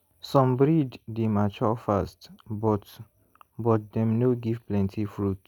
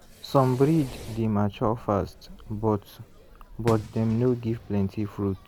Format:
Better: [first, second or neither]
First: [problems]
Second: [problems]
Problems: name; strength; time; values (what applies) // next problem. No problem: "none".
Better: first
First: none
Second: background sound (Fireworks); 17 dB below the speech